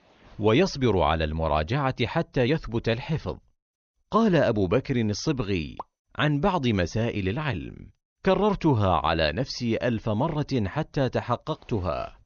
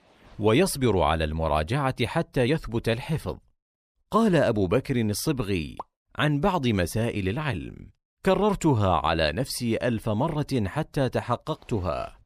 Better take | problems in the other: second | garbled, watery; slightly; nothing above 6.5 kHz

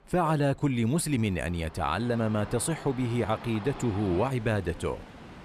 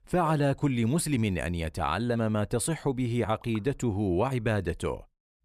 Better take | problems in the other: second | train or aircraft noise; noticeable; throughout; 15 dB below the speech

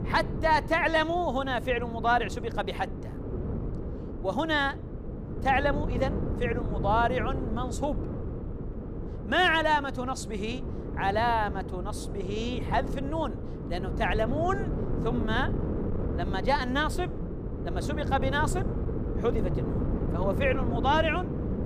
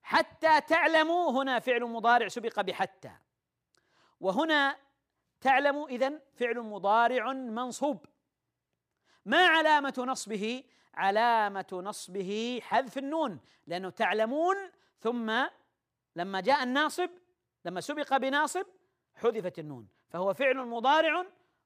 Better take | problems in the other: second | wind noise on the microphone; occasional gusts; 10 dB below the speech

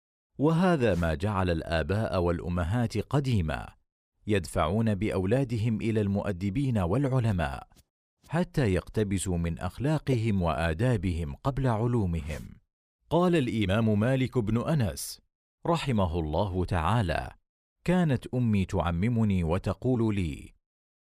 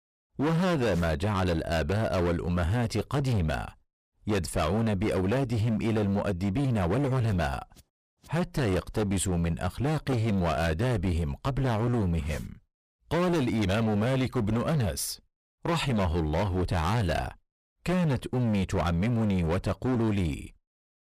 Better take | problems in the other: first | distortion; heavy; 25% of the sound clipped

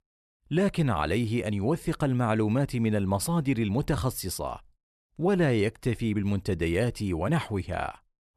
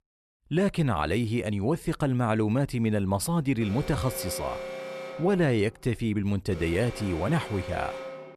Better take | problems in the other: first | alarm; noticeable; from 3.5 s on; peak 8 dB below the speech

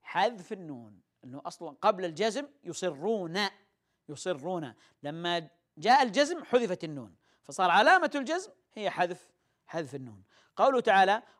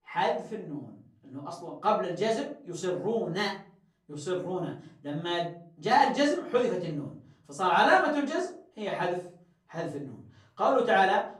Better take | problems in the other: first | room echo; slight; dies away in 0.4 s // off-mic speech; far

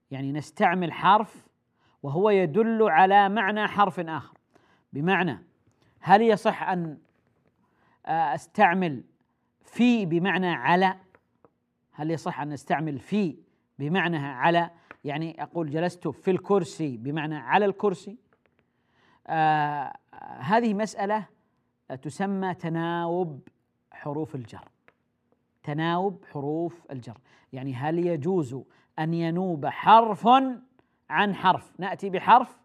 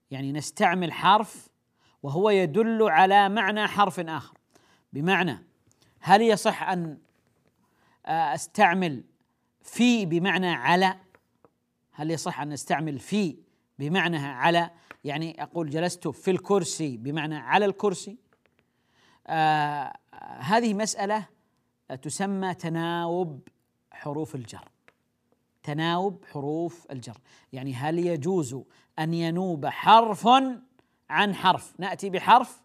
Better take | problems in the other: second | muffled; slightly; fading above 3.5 kHz

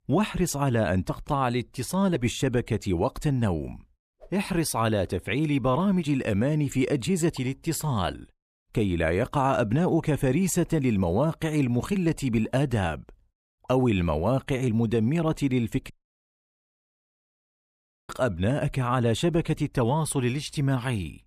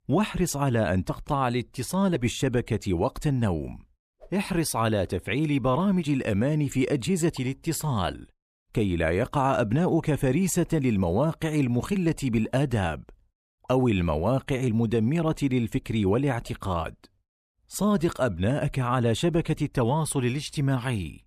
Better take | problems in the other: second | audio cutting out; at 16 s for 2 s

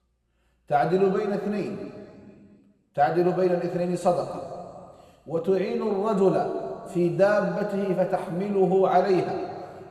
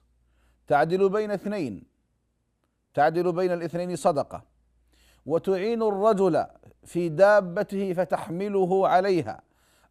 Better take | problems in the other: second | room echo; noticeable; dies away in 2.1 s // off-mic speech; somewhat distant

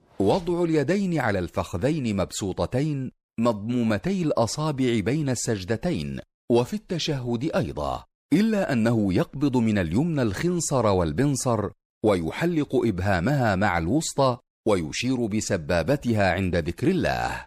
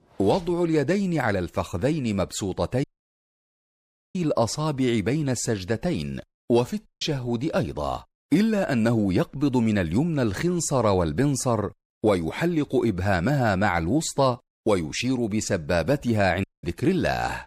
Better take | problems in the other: first | audio cutting out; at 3 s for 1.5 s, at 7 s and at 16 s

